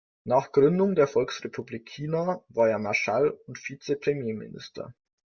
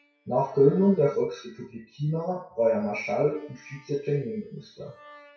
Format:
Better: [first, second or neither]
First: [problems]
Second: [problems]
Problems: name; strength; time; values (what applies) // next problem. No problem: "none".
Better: first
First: none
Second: noise reduction (classical method WPE with log-MMSE)